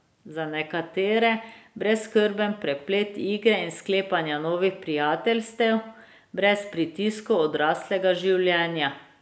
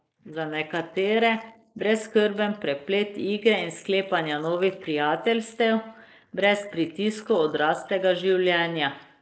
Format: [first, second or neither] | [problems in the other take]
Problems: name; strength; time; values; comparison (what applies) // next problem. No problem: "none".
first | noise reduction (neural mask model Resemble Enhance denoiser)